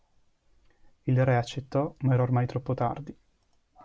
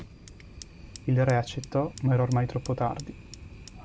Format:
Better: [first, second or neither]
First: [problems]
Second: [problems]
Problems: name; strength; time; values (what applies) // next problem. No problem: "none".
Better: first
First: none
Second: background sound (Fire); 16 dB below the speech